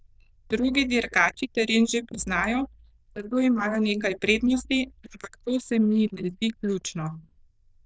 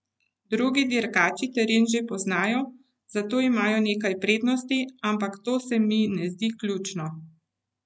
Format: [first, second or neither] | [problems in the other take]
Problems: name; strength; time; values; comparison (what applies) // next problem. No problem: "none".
second | noise reduction (neural diffusion model UNIVERSE++)